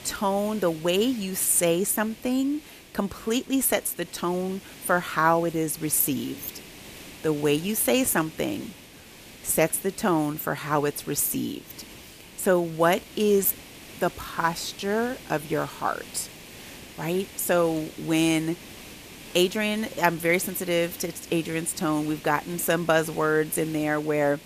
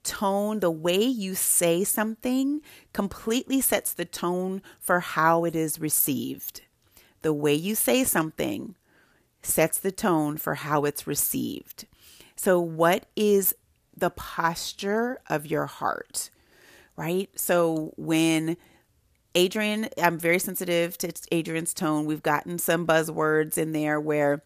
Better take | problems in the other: second | hiss; noticeable; throughout; 20 dB below the speech

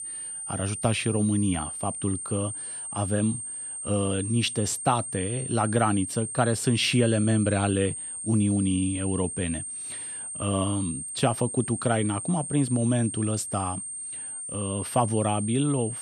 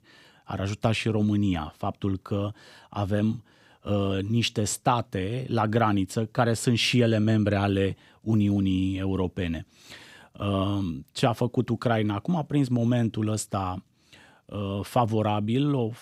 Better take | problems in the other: second | high-pitched whine; loud; throughout; 8.5 kHz, 6 dB below the speech

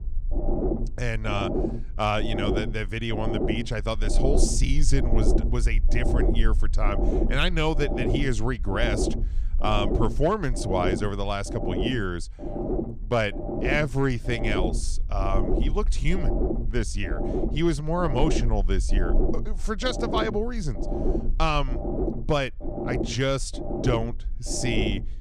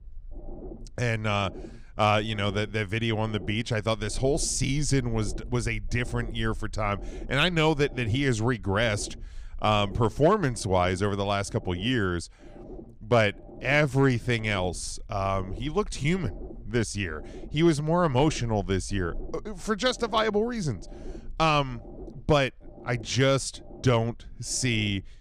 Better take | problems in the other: second | low rumble; loud; throughout; 5 dB below the speech; faint in the second

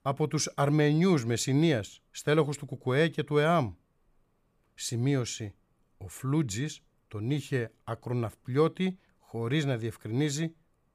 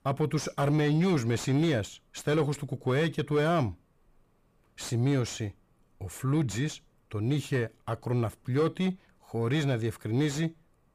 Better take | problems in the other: first | distortion; slight; 9 dB below the speech

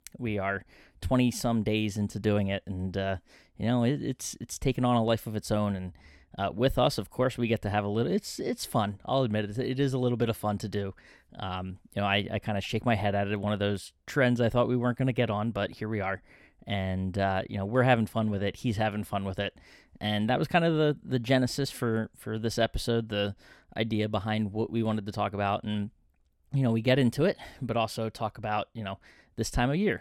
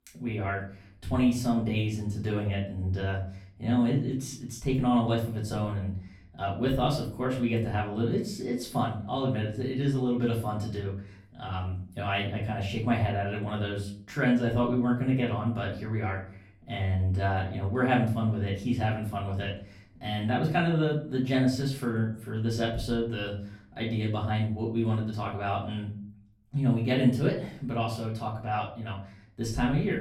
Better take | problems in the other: first | off-mic speech; far // room echo; slight; dies away in 0.5 s

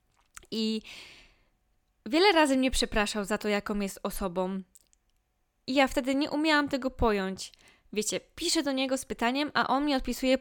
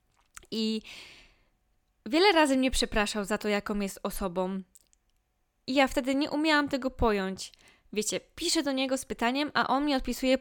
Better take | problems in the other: neither | none

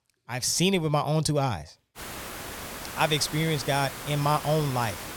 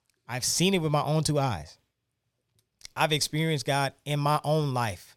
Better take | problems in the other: second | hiss; noticeable; from 2 s on; 10 dB below the speech

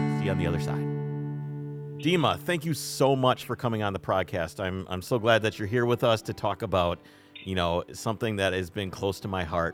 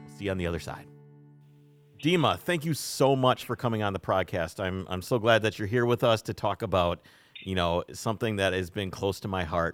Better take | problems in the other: second | background music; loud; throughout; 6 dB below the speech; faint in the second

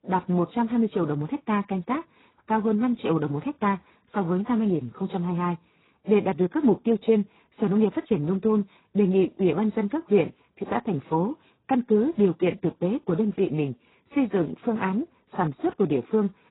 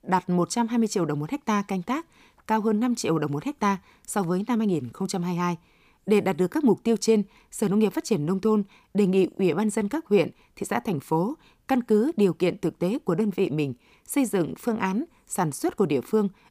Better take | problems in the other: second | garbled, watery; badly; nothing above 4 kHz

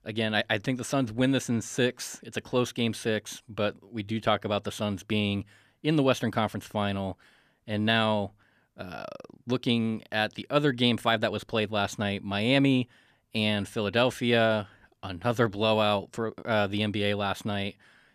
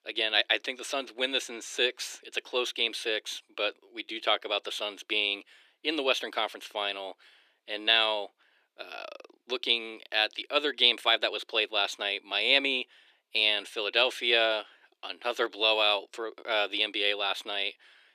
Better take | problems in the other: first | thin; very; fading below 350 Hz

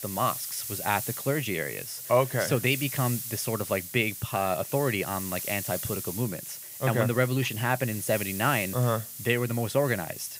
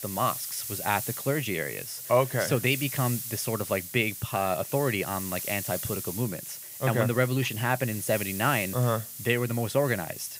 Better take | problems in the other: neither | hiss; loud; throughout; 7 dB below the speech; the same in both

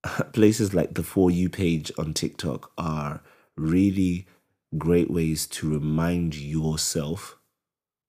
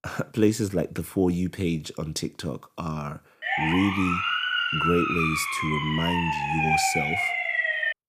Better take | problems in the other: first | siren; loud; from 3.5 s on; peak 5 dB above the speech

